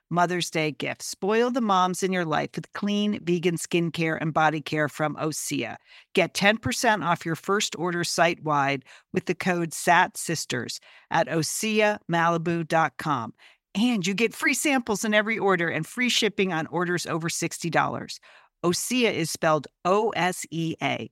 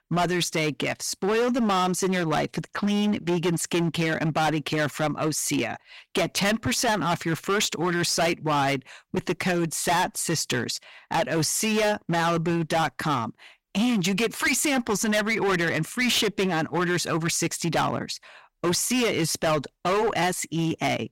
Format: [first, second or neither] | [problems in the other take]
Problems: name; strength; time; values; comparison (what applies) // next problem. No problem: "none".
first | distortion; heavy; 17% of the sound clipped